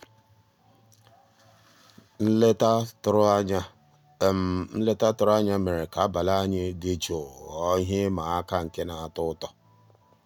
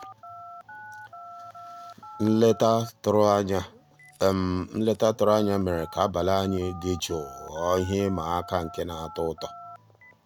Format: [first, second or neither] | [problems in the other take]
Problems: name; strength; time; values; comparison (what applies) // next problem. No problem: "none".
first | background sound (Telephone); 18 dB below the speech